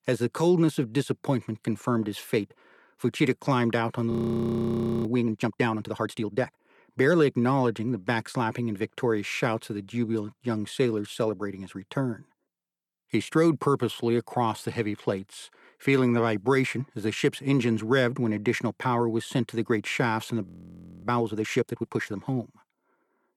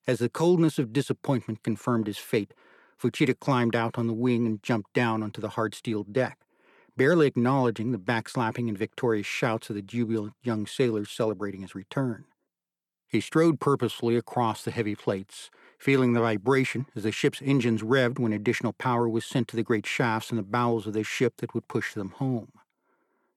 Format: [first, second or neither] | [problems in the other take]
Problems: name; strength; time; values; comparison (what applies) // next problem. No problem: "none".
second | audio freezing; at 4 s for 1 s and at 20 s for 0.5 s